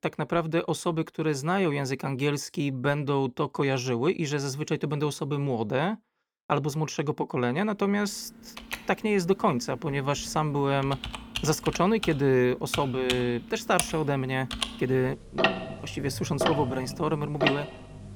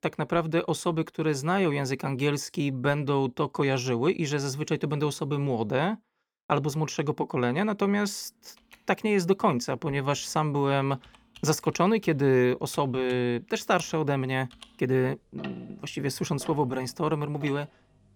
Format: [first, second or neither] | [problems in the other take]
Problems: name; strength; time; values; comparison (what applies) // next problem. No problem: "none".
second | household noises; loud; from 8 s on; 6 dB below the speech; faint in the second